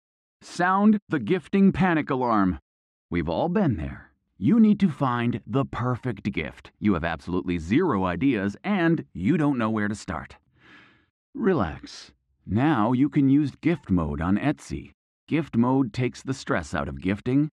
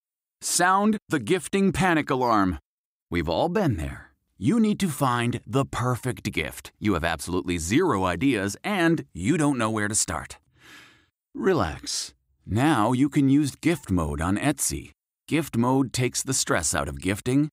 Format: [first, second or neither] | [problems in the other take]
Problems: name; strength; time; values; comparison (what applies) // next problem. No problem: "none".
second | muffled; slightly; fading above 3 kHz